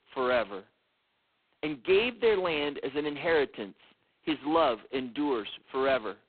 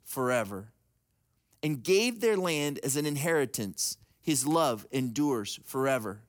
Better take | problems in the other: second | phone-call audio; poor line; nothing above 4 kHz

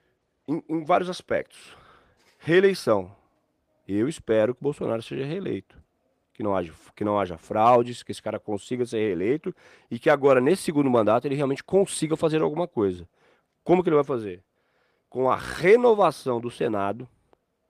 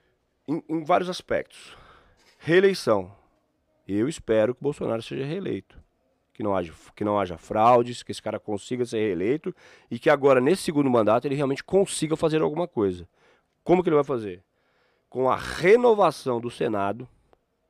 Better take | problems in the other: second | garbled, watery; slightly; nothing above 15 kHz

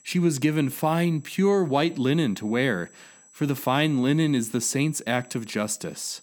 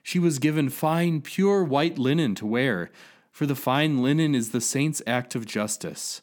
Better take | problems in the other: second | high-pitched whine; faint; throughout; 7.5 kHz, 30 dB below the speech

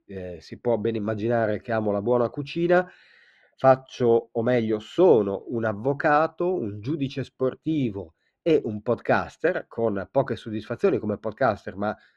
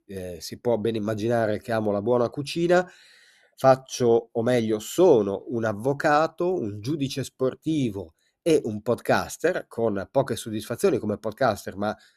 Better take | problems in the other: second | muffled; slightly; fading above 2.5 kHz

